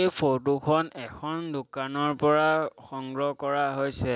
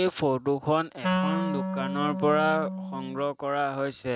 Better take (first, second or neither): first